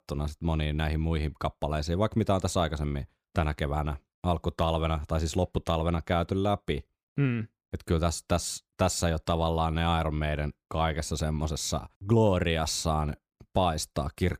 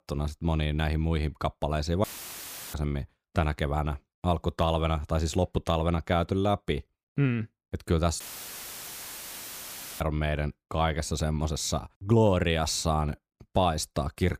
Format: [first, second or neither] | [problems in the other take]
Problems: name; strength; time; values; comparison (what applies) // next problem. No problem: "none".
first | audio cutting out; filled with static; at 2 s for 0.5 s and at 8 s for 2 s